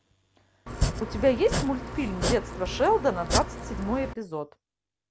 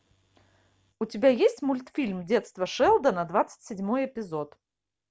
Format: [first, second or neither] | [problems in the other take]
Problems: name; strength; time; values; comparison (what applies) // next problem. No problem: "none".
second | background sound (Domestic sounds, home sounds); 2 dB below the speech